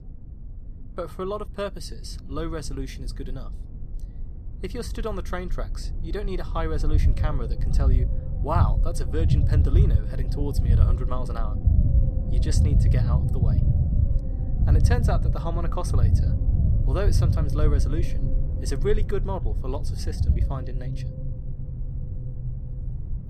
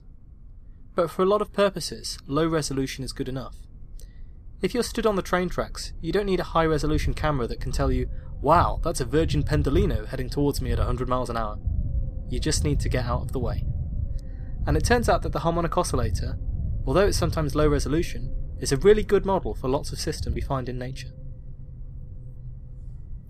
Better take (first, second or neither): second